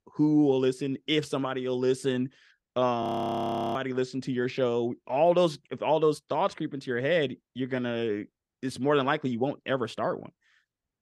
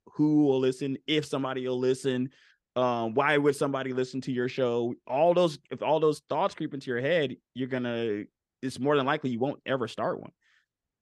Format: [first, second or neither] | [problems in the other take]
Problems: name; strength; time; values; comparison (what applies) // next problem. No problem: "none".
second | audio freezing; at 3 s for 0.5 s